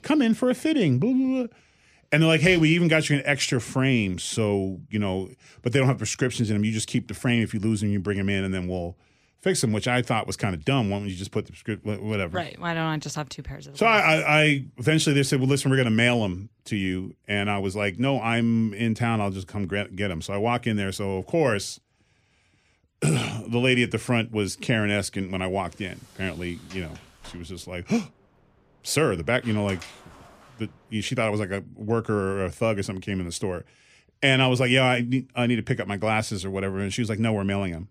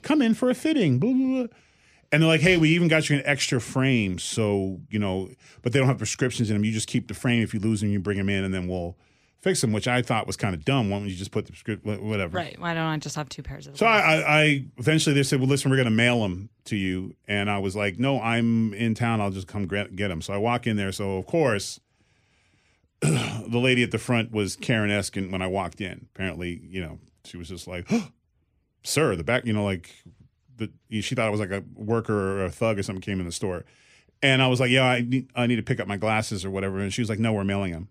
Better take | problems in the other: second | door banging; faint; from 26 to 31 s; peak 15 dB below the speech

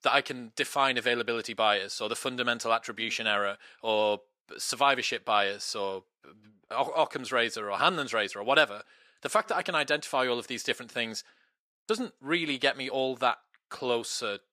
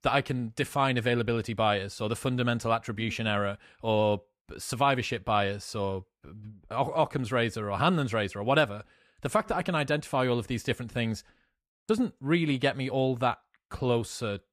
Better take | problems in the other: second | thin; somewhat; fading below 350 Hz

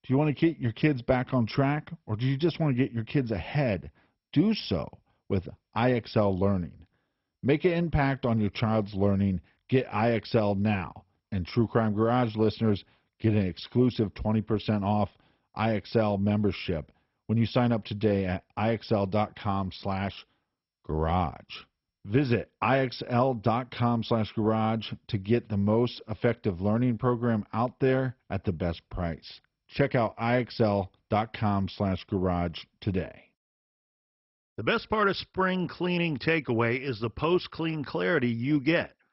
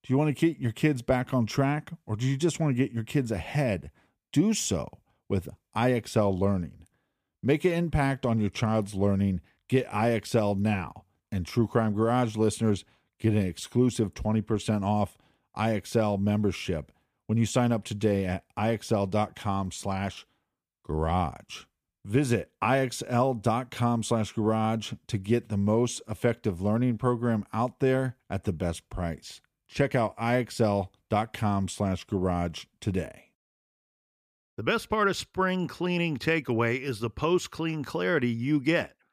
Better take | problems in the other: second | garbled, watery; badly; nothing above 5.5 kHz

